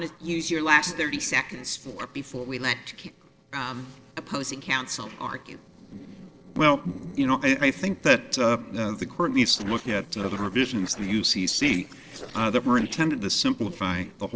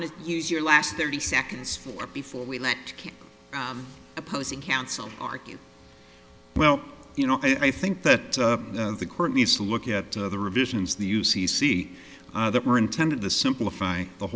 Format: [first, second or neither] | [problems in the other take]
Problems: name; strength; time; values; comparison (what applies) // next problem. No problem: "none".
second | noise reduction (neural separator model SepFormer DNS4)